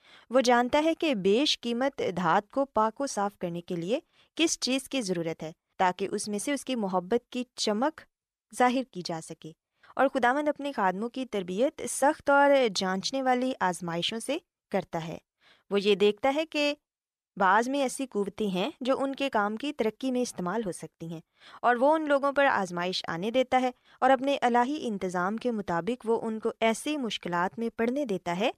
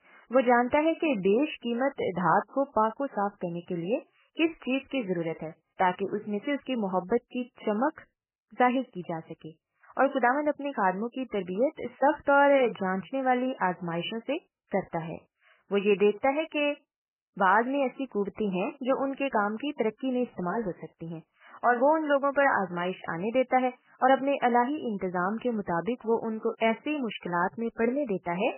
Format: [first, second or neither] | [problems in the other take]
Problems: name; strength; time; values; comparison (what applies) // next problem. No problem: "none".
first | garbled, watery; badly; nothing above 3 kHz